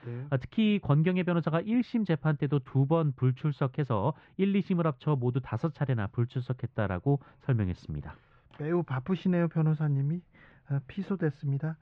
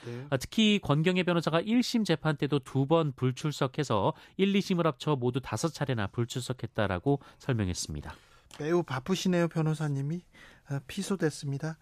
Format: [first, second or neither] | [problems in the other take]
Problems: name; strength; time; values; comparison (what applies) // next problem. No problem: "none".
second | muffled; very; fading above 2.5 kHz